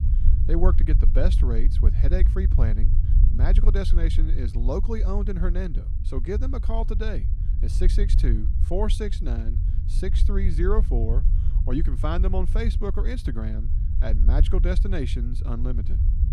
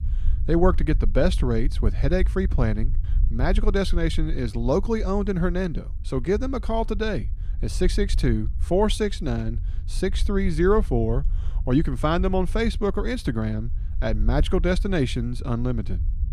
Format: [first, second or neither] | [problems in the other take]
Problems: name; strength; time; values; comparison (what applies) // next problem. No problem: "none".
second | low rumble; loud; throughout; 10 dB below the speech; faint in the second